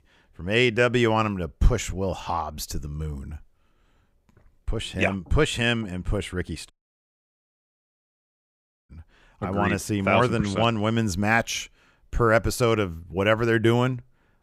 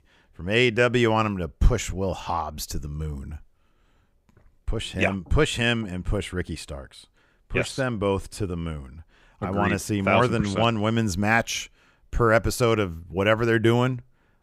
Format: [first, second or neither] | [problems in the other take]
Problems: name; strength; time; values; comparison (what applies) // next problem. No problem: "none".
second | audio cutting out; at 6.5 s for 2 s